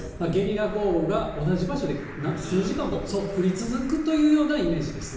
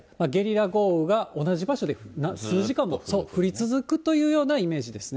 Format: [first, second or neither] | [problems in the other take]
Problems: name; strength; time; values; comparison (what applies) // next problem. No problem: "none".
second | background sound (Traffic noise, roadway noise); 14 dB below the speech // room echo; dies away in 0.9 s